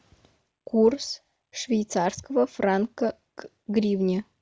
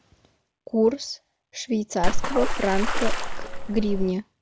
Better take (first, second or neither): first